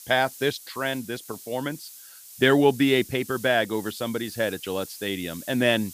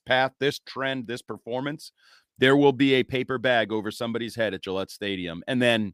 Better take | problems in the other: second | hiss; noticeable; throughout; 15 dB below the speech

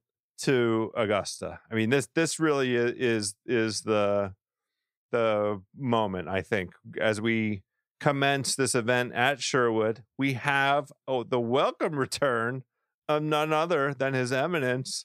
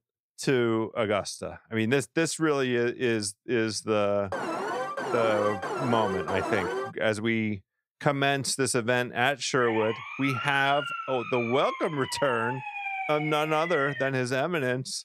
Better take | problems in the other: first | alarm; noticeable; from 4.5 to 7 s; peak 3 dB below the speech // siren; noticeable; from 9.5 to 14 s; peak 4 dB below the speech

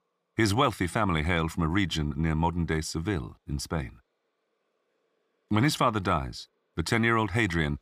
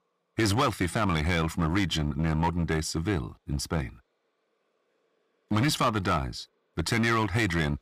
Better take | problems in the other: first | distortion; slight; 6% of the sound clipped

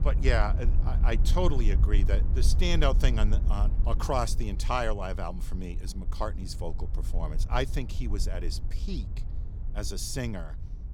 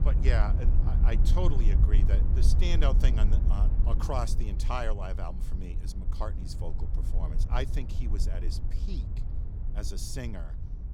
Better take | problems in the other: first | wind noise on the microphone; heavy; 8 dB below the speech; occasional gusts in the first

